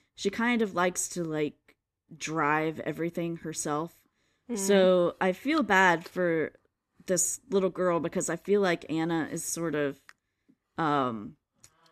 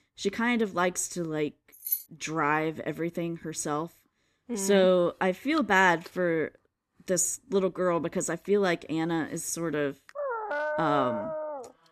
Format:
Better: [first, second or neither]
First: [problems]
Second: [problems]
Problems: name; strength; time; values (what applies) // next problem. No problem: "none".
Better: first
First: none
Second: jangling keys; noticeable; at 2 s; peak 3 dB below the speech // dog barking; noticeable; from 10 s on; peak 3 dB below the speech